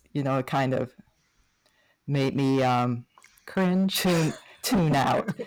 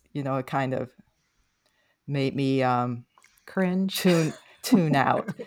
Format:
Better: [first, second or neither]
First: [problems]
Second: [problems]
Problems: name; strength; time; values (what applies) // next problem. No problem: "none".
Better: second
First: distortion; heavy; 11% of the sound clipped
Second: none